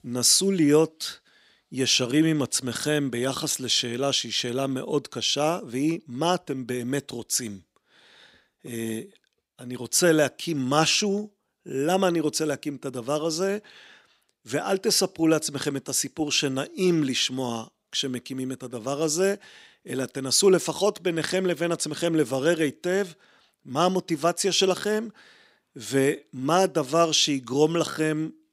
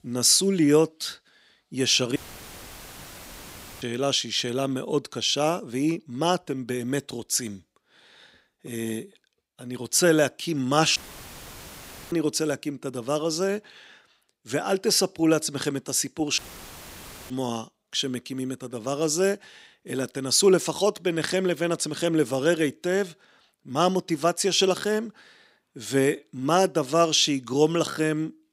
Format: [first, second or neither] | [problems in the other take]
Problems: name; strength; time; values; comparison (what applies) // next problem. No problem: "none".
first | audio cutting out; filled with static; at 2 s for 1.5 s, at 11 s for 1 s and at 16 s for 1 s